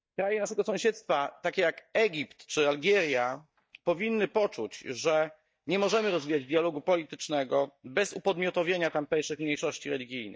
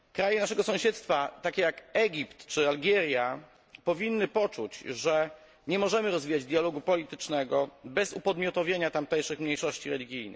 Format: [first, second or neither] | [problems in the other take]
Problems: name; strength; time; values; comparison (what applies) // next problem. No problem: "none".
second | noise reduction (neural mask model DeepFilterNet 3)